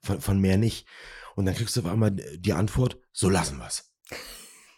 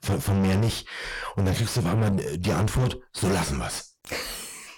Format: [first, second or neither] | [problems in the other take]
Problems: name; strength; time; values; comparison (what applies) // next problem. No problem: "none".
first | distortion; heavy; 5 dB below the speech